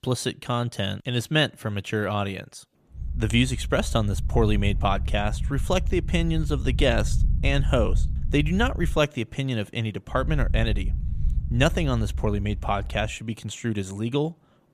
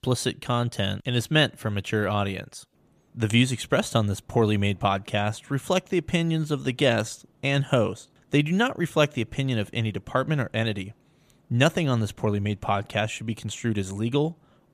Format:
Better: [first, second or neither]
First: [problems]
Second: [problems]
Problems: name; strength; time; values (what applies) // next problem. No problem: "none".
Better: second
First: low rumble; noticeable; from 3 to 9 s and from 10 to 13 s; 20 dB below the speech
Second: none